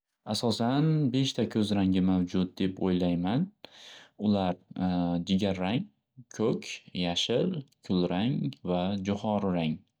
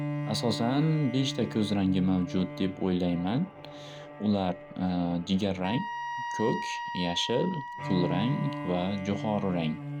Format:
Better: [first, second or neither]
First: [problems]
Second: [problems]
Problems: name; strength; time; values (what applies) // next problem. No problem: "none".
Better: first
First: none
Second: background sound (Bowed string instrument + Wind instrument, woodwind instrument); 8 dB below the speech